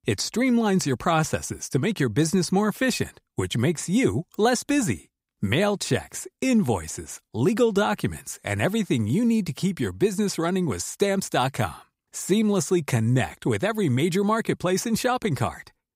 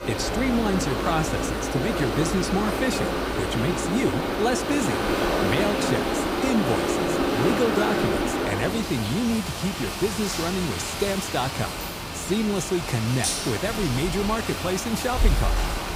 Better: first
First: none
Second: rain or running water; very loud; throughout; 1 dB above the speech

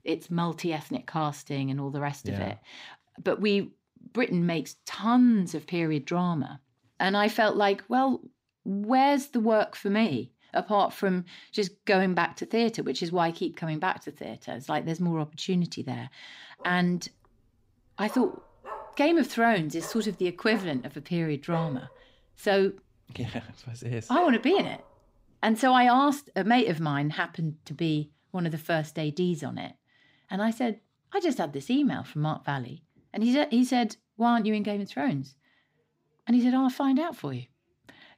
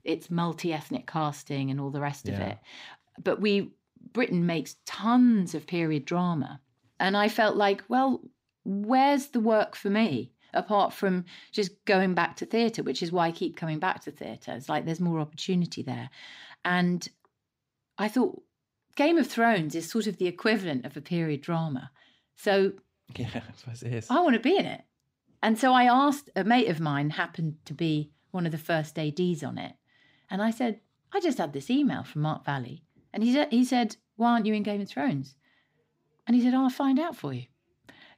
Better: second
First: dog barking; faint; from 17 to 25 s; peak 10 dB below the speech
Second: none

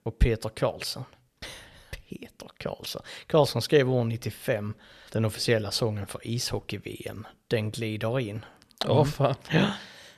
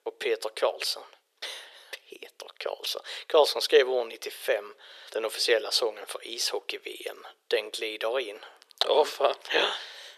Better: first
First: none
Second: thin; very; fading below 400 Hz

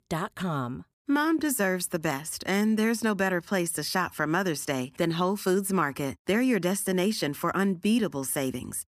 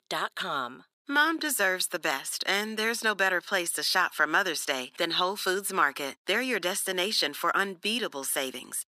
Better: first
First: none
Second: thin; very; fading below 450 Hz

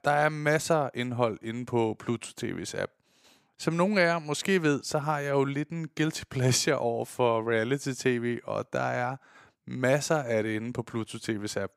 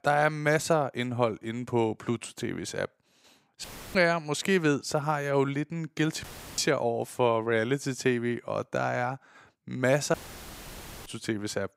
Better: first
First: none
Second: audio cutting out; filled with static; at 3.5 s, at 6 s and at 10 s for 1 s

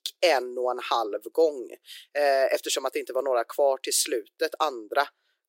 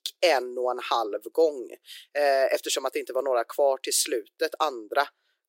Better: neither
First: thin; very; fading below 350 Hz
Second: thin; very; fading below 350 Hz

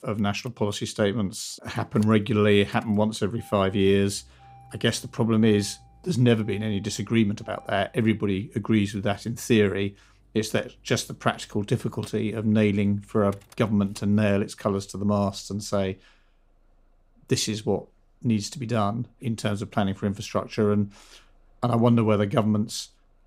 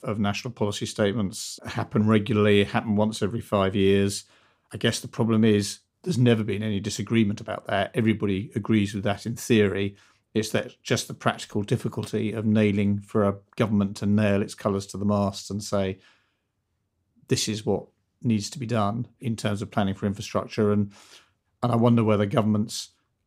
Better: second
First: traffic noise; faint; throughout; 30 dB below the speech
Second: none

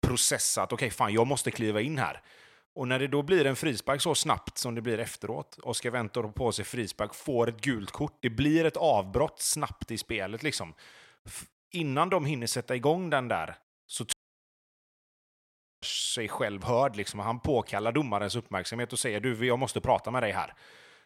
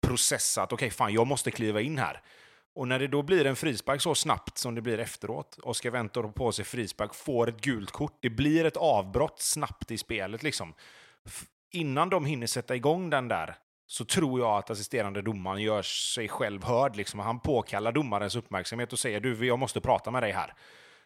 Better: second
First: audio cutting out; at 14 s for 1.5 s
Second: none

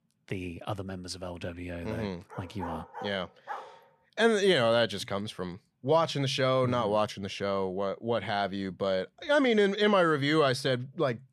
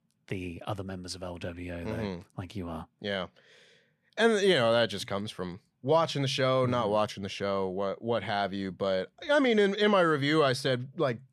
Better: second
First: dog barking; faint; from 2.5 to 4 s; peak 10 dB below the speech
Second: none

